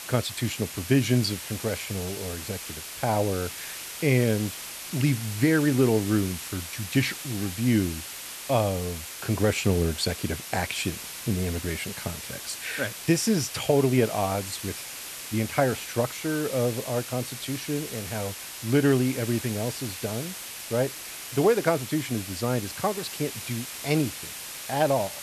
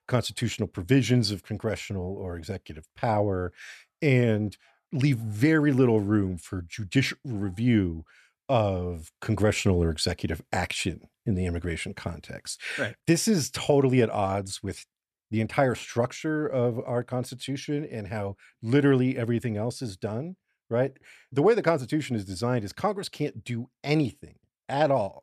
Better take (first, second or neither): second